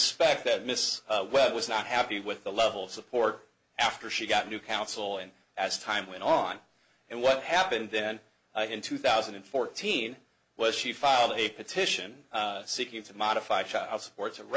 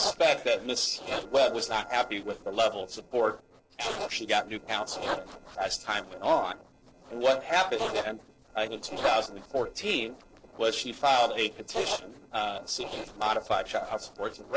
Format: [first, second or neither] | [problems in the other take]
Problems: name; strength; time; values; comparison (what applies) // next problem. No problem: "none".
first | noise reduction (neural separator model SepFormer DNS4)